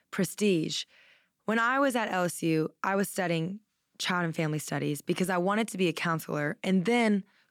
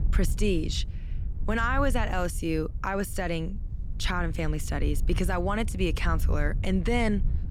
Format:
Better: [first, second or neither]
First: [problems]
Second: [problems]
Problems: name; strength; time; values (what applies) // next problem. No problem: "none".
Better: first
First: none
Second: wind noise on the microphone; occasional gusts; 20 dB below the speech